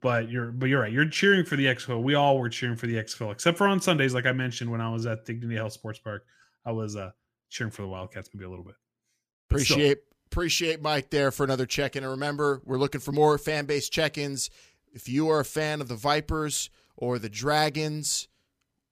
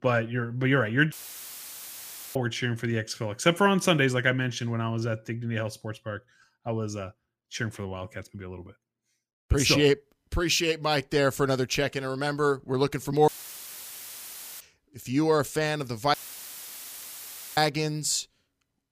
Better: first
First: none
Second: audio cutting out; filled with static; at 1 s for 1 s, at 13 s for 1.5 s and at 16 s for 1.5 s

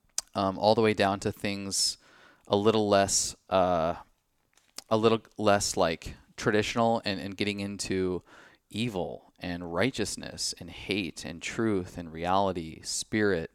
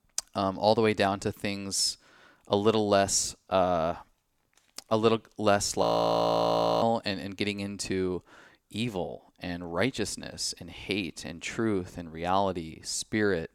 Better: first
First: none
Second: audio freezing; at 6 s for 1 s

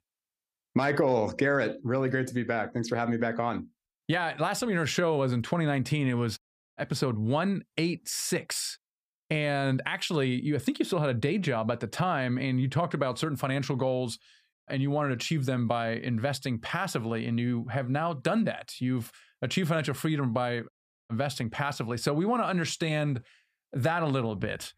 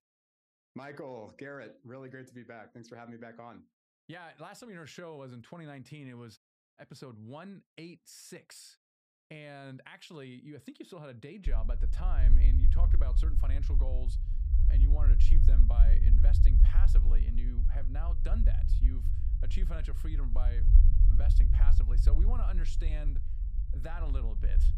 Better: first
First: none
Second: low rumble; loud; from 11 s on; 3 dB below the speech

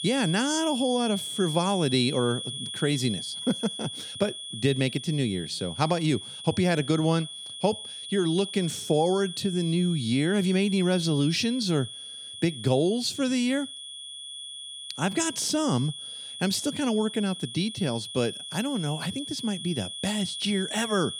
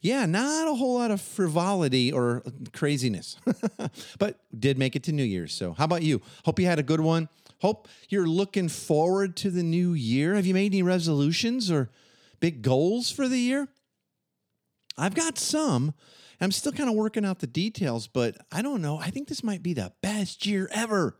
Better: second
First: high-pitched whine; loud; throughout; 3.5 kHz, 8 dB below the speech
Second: none

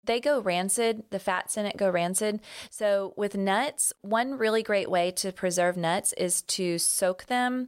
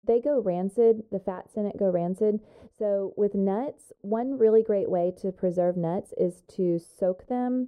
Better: first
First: none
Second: muffled; very; fading above 1 kHz

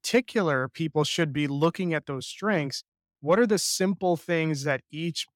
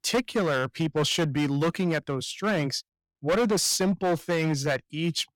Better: first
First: none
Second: distortion; heavy; 11% of the sound clipped

